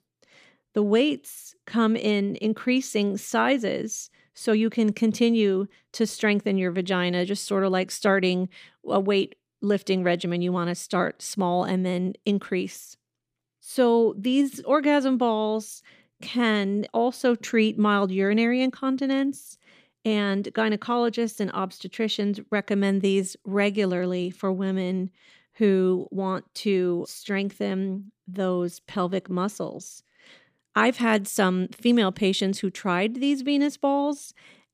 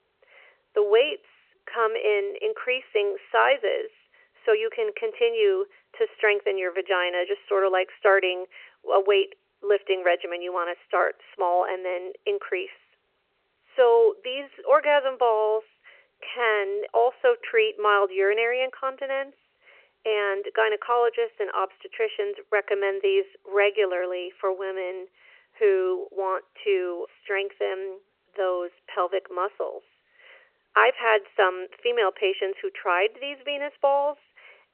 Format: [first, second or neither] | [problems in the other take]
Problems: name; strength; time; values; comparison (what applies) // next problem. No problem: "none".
first | phone-call audio; nothing above 3 kHz